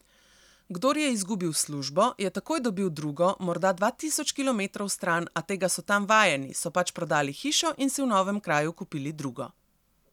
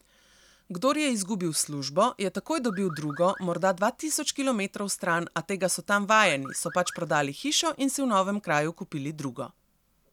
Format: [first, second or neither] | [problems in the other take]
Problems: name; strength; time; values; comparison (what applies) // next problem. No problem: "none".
first | background sound (Car); 16 dB below the speech